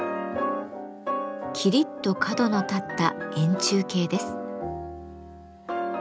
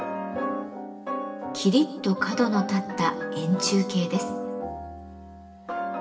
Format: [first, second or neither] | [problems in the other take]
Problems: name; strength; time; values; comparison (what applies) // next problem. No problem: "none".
first | room echo; dies away in 0.8 s